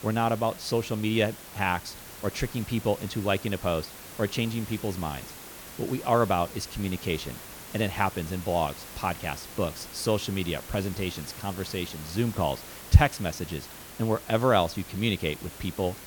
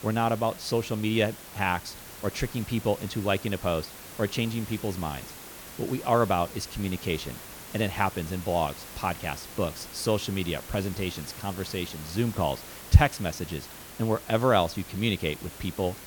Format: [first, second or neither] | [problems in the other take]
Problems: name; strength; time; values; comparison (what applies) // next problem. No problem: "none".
neither | hiss; noticeable; throughout; 15 dB below the speech; the same in both